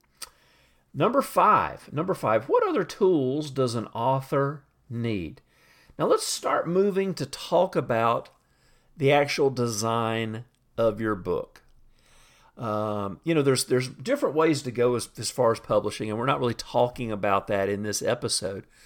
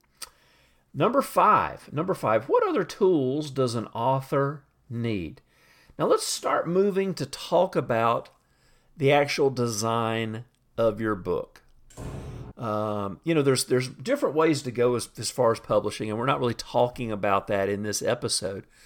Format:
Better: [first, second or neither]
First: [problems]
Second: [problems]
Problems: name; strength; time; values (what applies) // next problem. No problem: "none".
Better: first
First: none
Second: door banging; faint; at 12 s; peak 15 dB below the speech